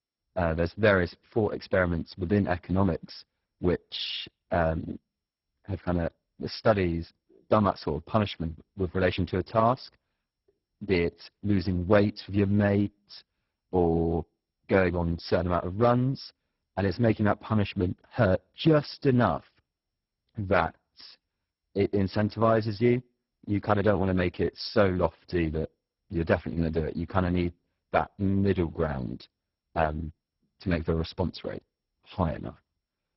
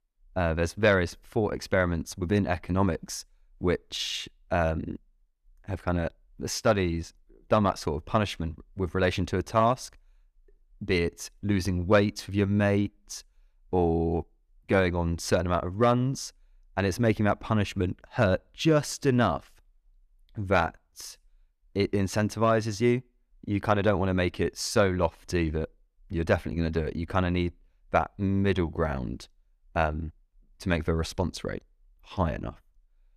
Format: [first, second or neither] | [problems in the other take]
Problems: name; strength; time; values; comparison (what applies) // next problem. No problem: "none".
second | garbled, watery; badly; nothing above 5.5 kHz